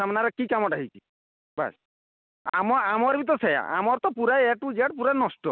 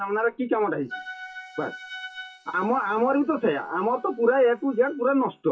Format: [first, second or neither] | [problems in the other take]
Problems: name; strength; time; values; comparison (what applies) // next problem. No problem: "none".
first | noise reduction (classical method WPE with log-MMSE)